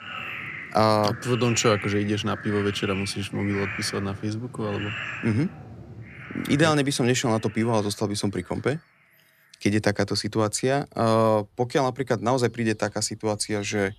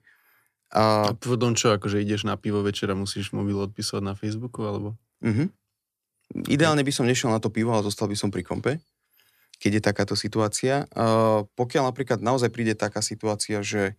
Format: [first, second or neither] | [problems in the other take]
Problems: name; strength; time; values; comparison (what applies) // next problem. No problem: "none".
second | animal sounds; noticeable; throughout; 10 dB below the speech